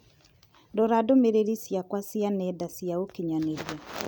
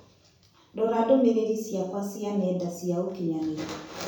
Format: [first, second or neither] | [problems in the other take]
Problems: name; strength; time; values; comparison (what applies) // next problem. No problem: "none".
first | room echo; dies away in 0.6 s